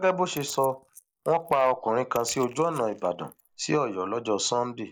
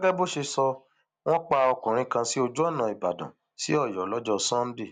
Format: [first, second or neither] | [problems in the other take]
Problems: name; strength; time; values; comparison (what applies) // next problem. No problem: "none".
second | noise reduction (neural mask model Resemble Enhance denoiser)